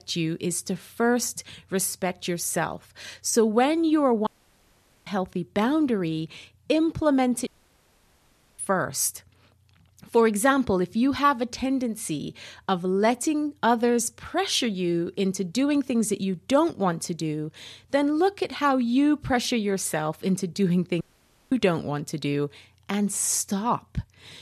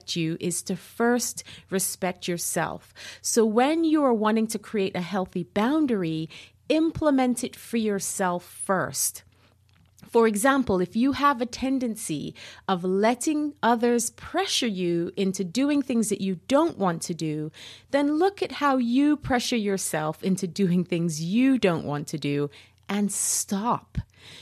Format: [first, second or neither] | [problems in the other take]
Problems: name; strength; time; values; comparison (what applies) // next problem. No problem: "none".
second | audio cutting out; at 4.5 s for 1 s, at 7.5 s for 1 s and at 21 s for 0.5 s